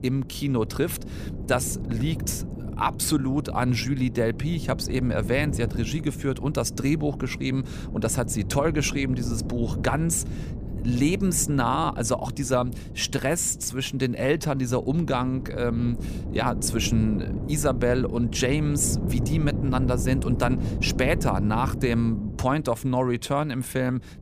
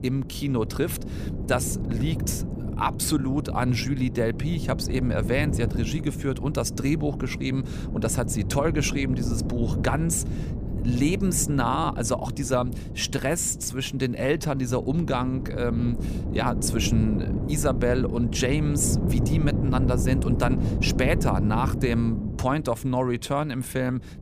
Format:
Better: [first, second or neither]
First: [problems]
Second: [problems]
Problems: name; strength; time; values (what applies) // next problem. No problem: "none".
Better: first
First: wind noise on the microphone; occasional gusts; 15 dB below the speech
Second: wind noise on the microphone; heavy; 10 dB below the speech